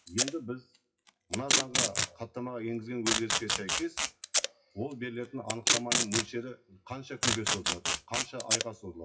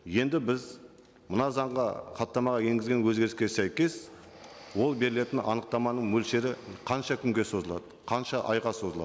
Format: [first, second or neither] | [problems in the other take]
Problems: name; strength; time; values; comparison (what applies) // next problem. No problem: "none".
second | noise reduction (classical method WPE with log-MMSE)